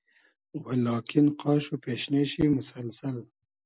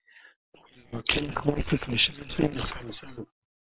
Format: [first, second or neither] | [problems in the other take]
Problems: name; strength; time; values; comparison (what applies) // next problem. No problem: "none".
first | noise reduction (neural separator model SepFormer WHAM!)